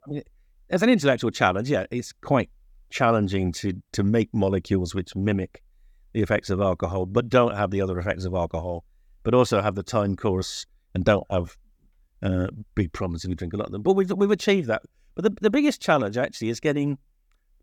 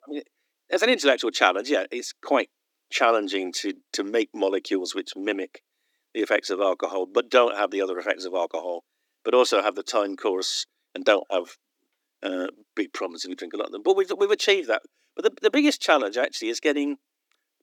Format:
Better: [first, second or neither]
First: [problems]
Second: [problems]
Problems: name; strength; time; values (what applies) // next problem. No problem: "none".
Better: first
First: none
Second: thin; somewhat; fading below 300 Hz